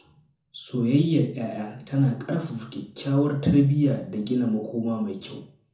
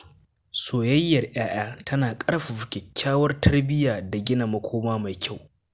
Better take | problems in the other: second | room echo; dies away in 0.7 s

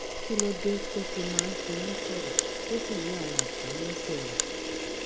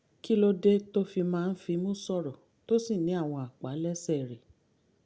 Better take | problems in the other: second | background sound (Camera); 3 dB above the speech

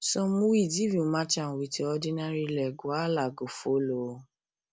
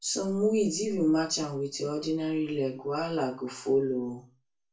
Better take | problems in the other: first | room echo; dies away in 0.3 s

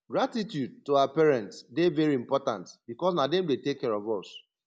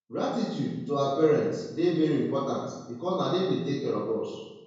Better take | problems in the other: first | room echo; dies away in 1 s

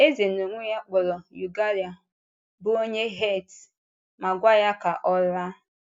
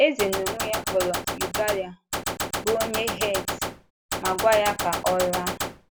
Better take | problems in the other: first | background sound (Gunshot, gunfire); 3 dB below the speech

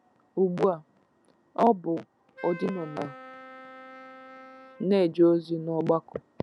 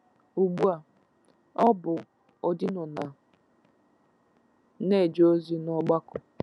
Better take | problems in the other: second | background sound (Wind instrument, woodwind instrument); 18 dB below the speech

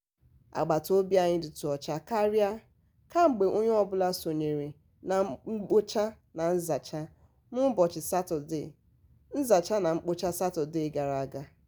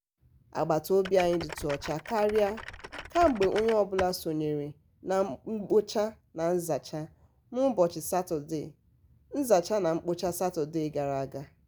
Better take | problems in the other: first | background sound (Typing); 12 dB below the speech

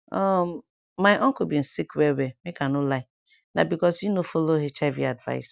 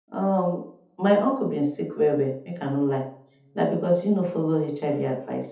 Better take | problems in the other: first | room echo; dies away in 0.6 s

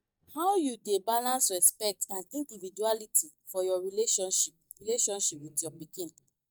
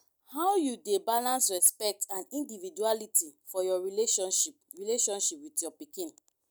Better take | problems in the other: second | noise reduction (neural mask model DeepFilterNet 3)

